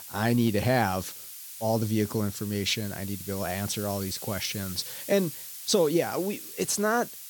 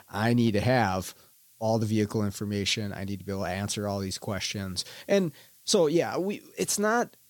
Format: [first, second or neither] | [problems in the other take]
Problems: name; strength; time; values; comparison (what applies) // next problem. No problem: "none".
second | hiss; loud; throughout; 10 dB below the speech; faint in the second